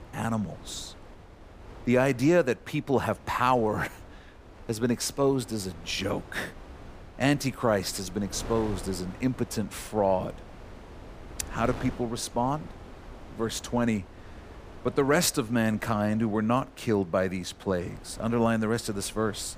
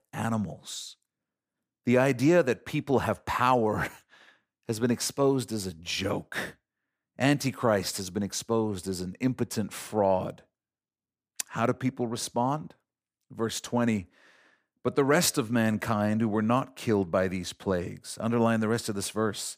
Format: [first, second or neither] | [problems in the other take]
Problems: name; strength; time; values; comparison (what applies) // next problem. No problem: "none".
second | wind noise on the microphone; occasional gusts; 20 dB below the speech